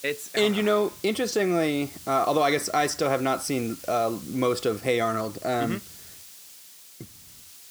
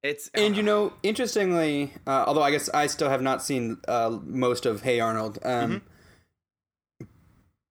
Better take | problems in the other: second | hiss; noticeable; throughout; 15 dB below the speech

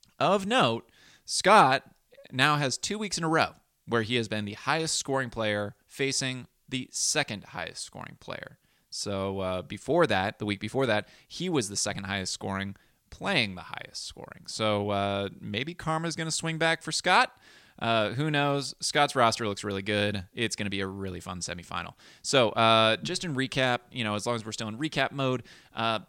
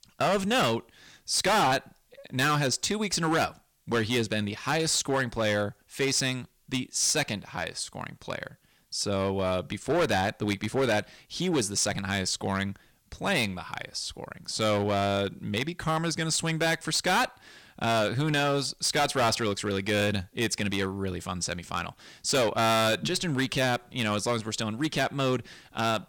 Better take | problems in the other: first | distortion; heavy; 9% of the sound clipped

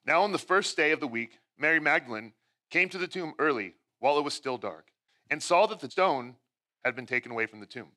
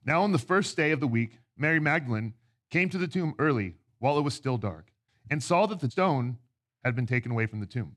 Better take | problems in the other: second | thin; somewhat; fading below 450 Hz

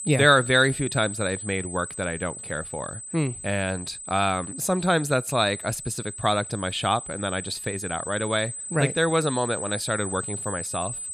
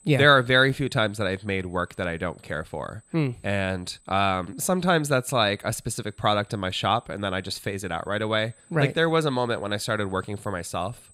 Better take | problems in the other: second | high-pitched whine; loud; throughout; 8 kHz, 8 dB below the speech; faint in the second

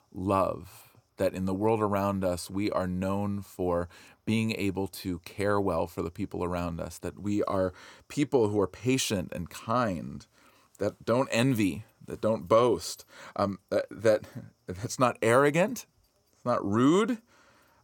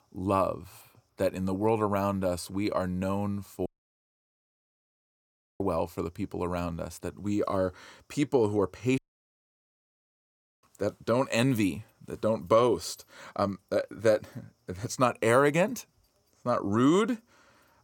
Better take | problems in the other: first | audio cutting out; at 3.5 s for 2 s and at 9 s for 1.5 s

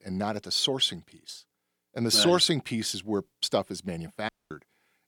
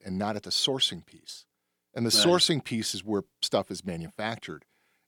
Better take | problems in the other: second | audio cutting out; at 4.5 s

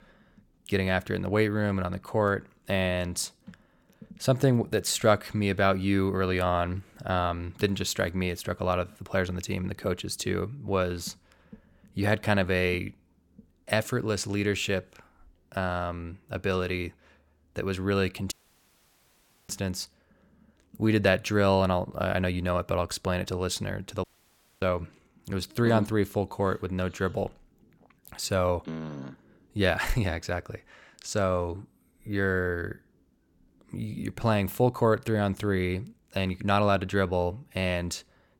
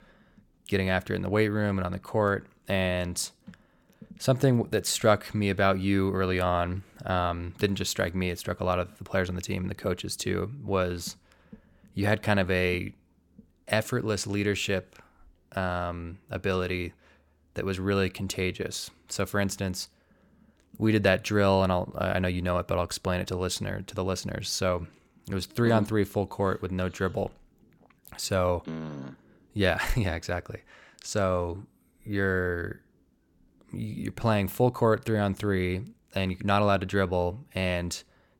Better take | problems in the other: second | audio cutting out; at 18 s for 1 s and at 24 s for 0.5 s

